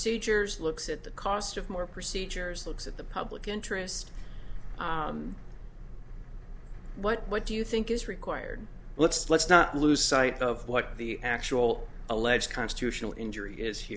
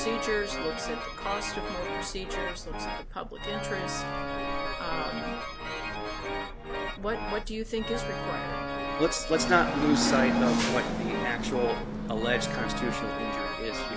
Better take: first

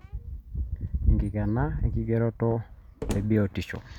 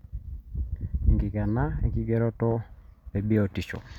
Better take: second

